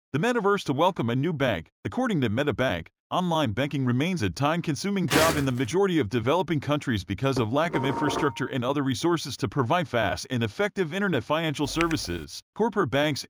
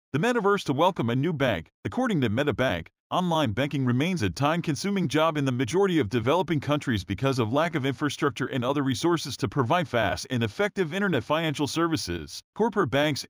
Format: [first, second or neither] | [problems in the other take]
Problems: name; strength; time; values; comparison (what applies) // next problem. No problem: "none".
second | footsteps; loud; at 5 s; peak 2 dB above the speech // clattering dishes; noticeable; from 7.5 to 8.5 s; peak 3 dB below the speech // keyboard typing; noticeable; at 12 s; peak 7 dB below the speech